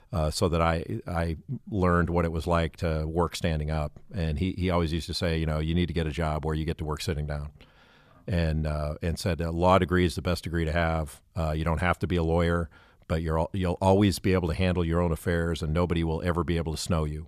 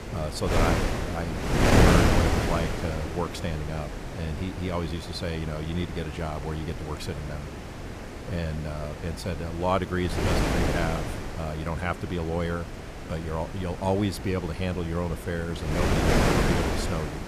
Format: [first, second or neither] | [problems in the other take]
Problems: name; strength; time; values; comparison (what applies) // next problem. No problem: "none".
first | wind noise on the microphone; heavy; 1 dB above the speech